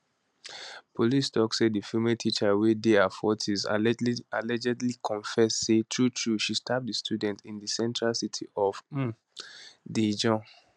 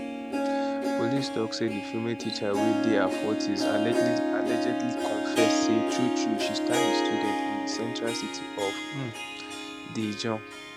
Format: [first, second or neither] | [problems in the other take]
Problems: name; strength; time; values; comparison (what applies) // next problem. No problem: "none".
first | background sound (Harp); 3 dB above the speech